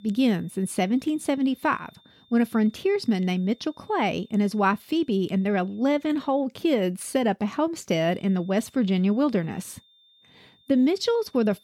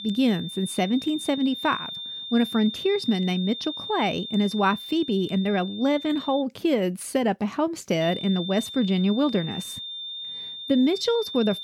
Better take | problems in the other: first | high-pitched whine; loud; until 6.5 s and from 8 s on; 3.5 kHz, 9 dB below the speech; faint in the first

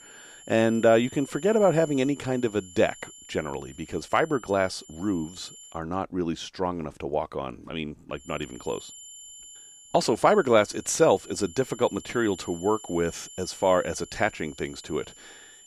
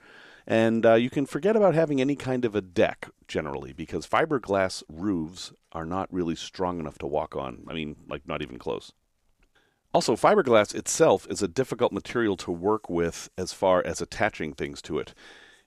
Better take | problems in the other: second | high-pitched whine; noticeable; until 5.5 s and from 8 s on; 7 kHz, 20 dB below the speech

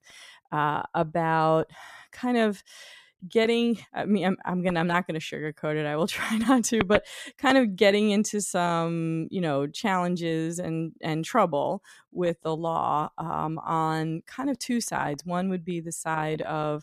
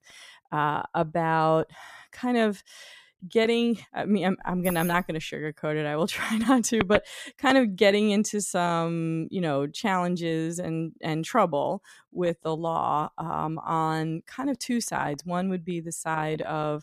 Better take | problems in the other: first | jangling keys; noticeable; at 4.5 s; peak 9 dB below the speech

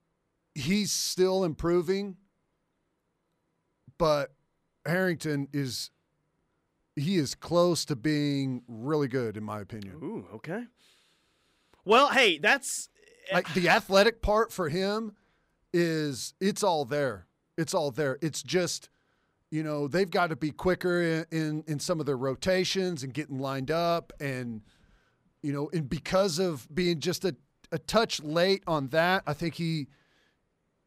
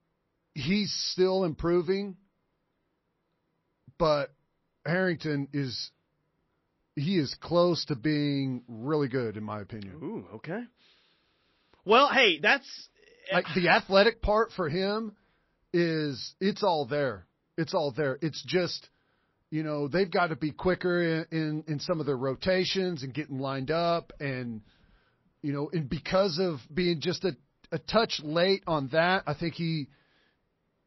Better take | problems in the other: first | garbled, watery; slightly; nothing above 5.5 kHz

